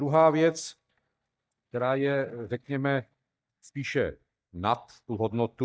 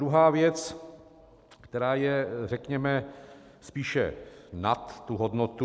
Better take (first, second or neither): second